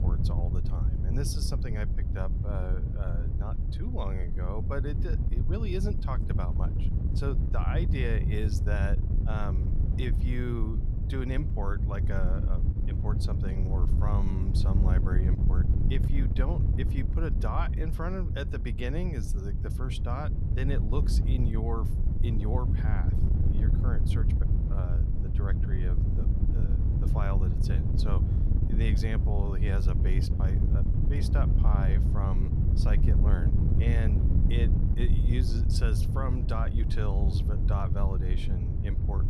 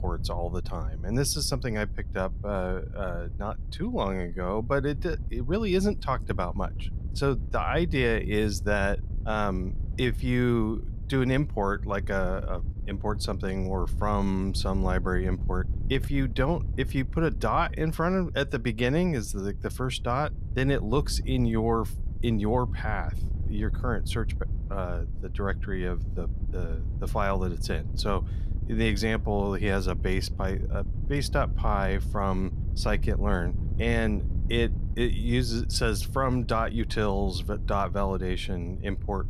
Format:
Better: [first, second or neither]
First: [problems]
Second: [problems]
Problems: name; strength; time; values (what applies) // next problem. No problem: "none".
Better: second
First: wind noise on the microphone; heavy; 3 dB below the speech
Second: wind noise on the microphone; occasional gusts; 20 dB below the speech